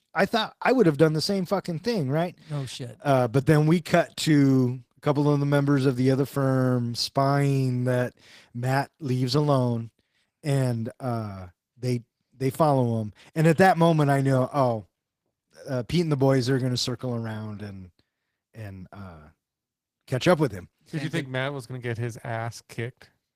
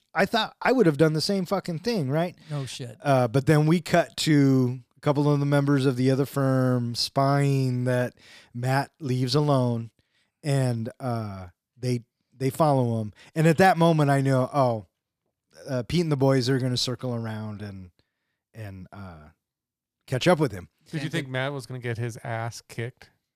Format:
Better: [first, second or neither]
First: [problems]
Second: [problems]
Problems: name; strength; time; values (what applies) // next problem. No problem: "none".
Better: second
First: garbled, watery; slightly; nothing above 15 kHz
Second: none